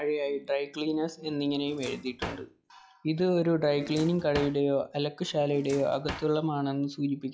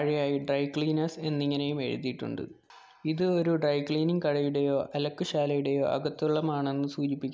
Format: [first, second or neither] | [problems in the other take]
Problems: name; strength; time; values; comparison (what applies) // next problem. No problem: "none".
second | noise reduction (classical method log-MMSE)